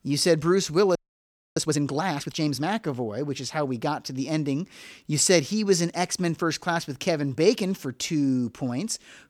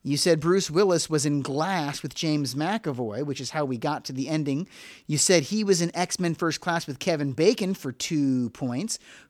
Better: second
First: audio freezing; at 1 s for 0.5 s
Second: none

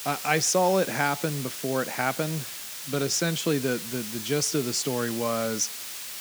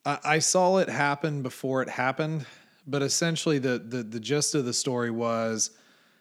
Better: second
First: hiss; loud; throughout; 7 dB below the speech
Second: none

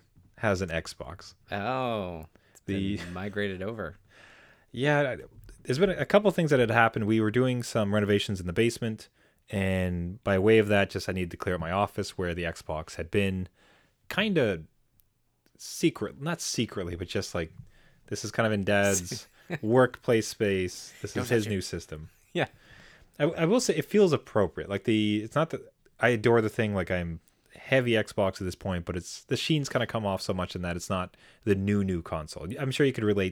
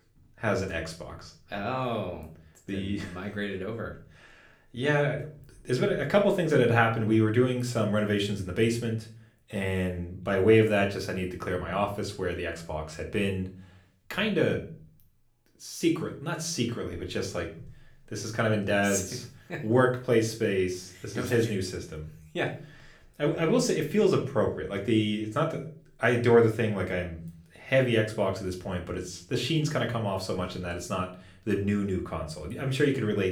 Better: first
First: none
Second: room echo; slight; dies away in 0.4 s // off-mic speech; somewhat distant

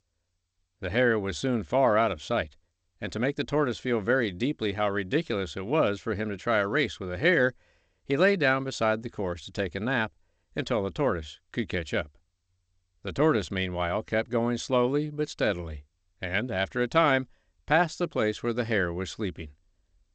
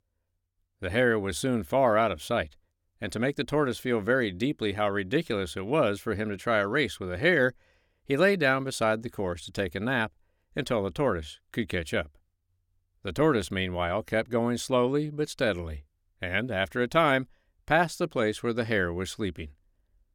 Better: second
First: garbled, watery; slightly; nothing above 8 kHz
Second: none

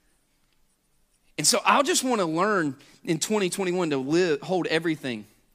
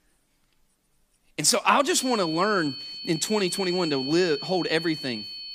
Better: first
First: none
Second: high-pitched whine; loud; from 2 s on; 4.5 kHz, 9 dB below the speech

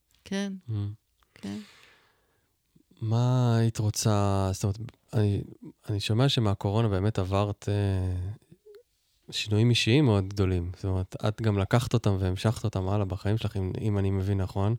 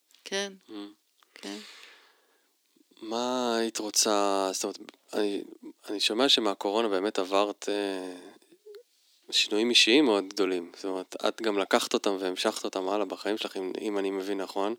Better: first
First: none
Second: thin; somewhat; fading below 250 Hz

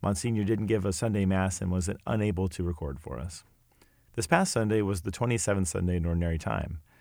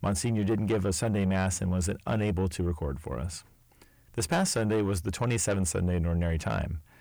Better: first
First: none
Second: distortion; slight; 10 dB below the speech

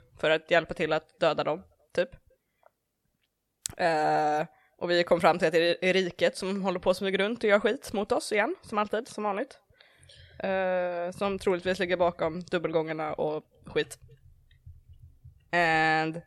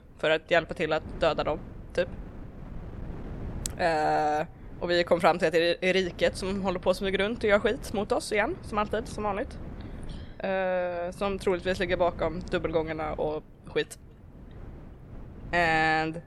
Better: first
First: none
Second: wind noise on the microphone; occasional gusts; 25 dB below the speech

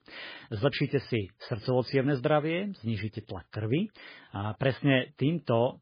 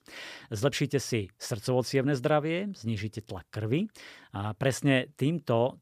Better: second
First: garbled, watery; badly; nothing above 5 kHz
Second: none

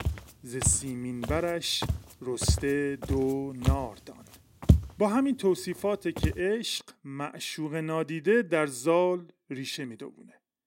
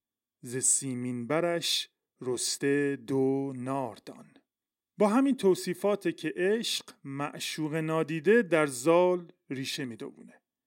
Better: second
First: footsteps; loud; until 6.5 s; peak 5 dB above the speech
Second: none

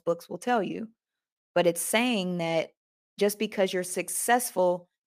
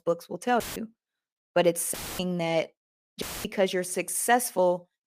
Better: first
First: none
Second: audio cutting out; filled with static; at 0.5 s, at 2 s and at 3 s

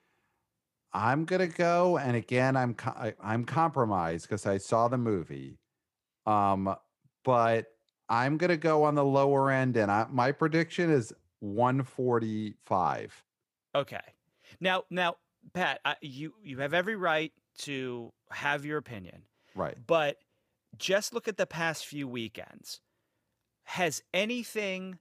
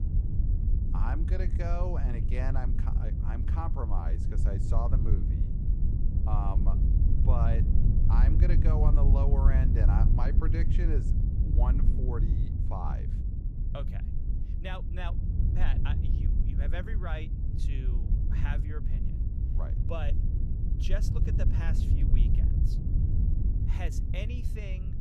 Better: first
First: none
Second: wind noise on the microphone; heavy; 3 dB below the speech

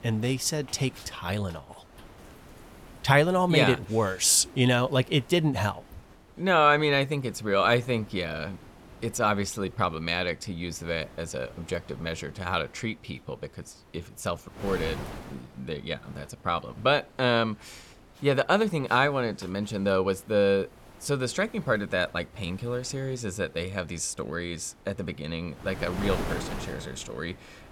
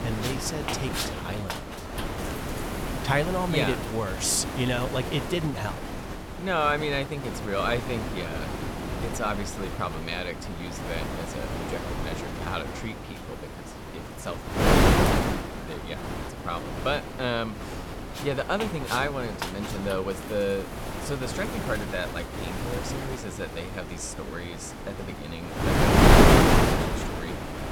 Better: first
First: wind noise on the microphone; occasional gusts; 20 dB below the speech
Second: wind noise on the microphone; heavy; 2 dB above the speech

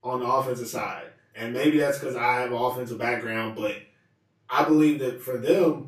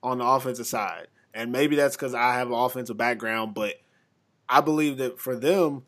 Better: second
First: off-mic speech; far // room echo; slight; dies away in 0.3 s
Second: none

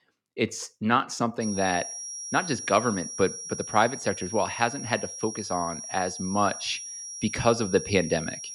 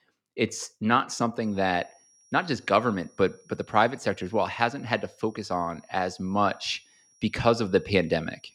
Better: second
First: high-pitched whine; loud; from 1.5 s on; 5.5 kHz, 8 dB below the speech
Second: high-pitched whine; faint; from 1.5 s on; 5.5 kHz, 30 dB below the speech

